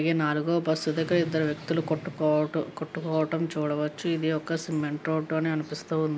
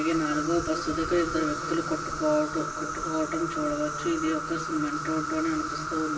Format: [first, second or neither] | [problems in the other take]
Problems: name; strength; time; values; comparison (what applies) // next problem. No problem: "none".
first | background sound (Insect); 4 dB below the speech // room echo; dies away in 2.4 s